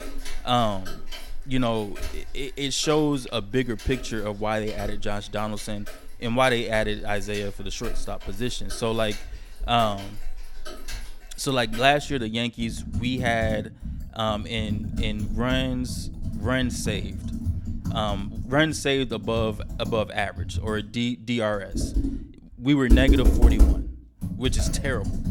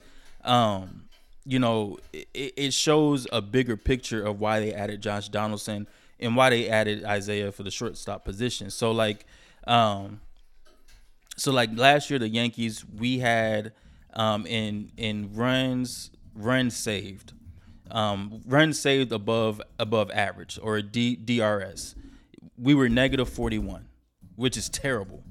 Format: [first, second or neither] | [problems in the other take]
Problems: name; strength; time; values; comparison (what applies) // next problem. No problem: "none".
second | household noises; loud; throughout; 4 dB below the speech; faint in the second